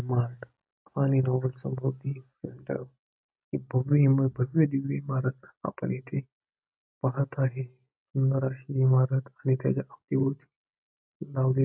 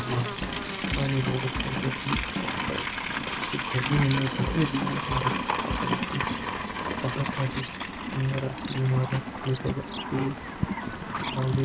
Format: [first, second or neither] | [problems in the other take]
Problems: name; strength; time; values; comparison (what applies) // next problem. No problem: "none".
first | background sound (Livestock, farm animals, working animals + Drum kit); as loud as the speech